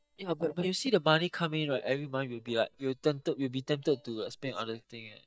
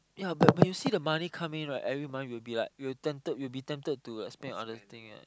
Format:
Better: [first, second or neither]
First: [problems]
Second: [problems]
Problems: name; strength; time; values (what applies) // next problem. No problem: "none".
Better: second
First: noise reduction (neural mask model DeepFilterNet 3)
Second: none